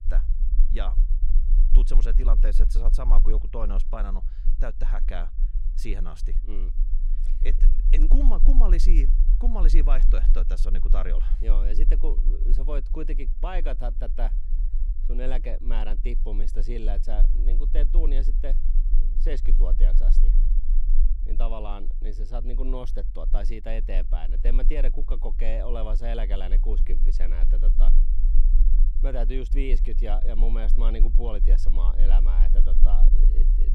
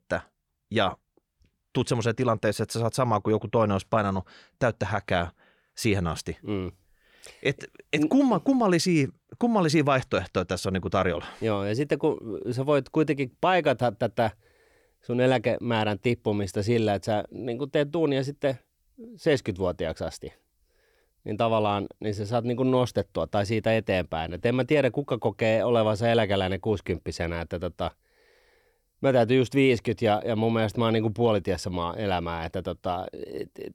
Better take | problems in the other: second | low rumble; noticeable; throughout; 15 dB below the speech

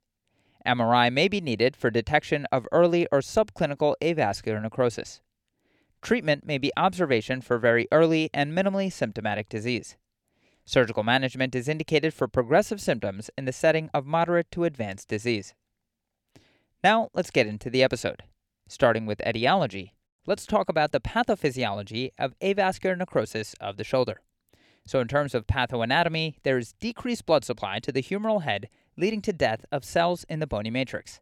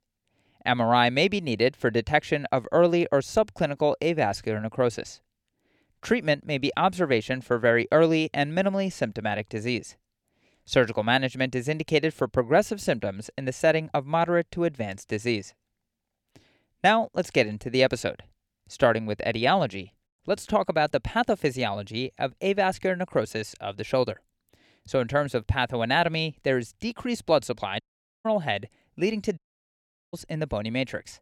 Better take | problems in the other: first | audio cutting out; at 28 s and at 29 s for 1 s

